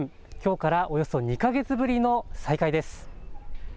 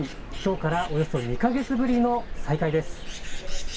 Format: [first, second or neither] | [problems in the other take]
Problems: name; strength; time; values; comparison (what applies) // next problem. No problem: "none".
first | background sound (Bird); 14 dB below the speech // room echo; dies away in 0.1 s